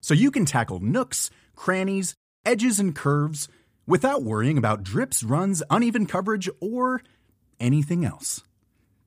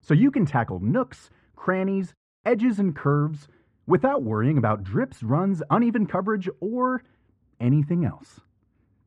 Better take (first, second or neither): first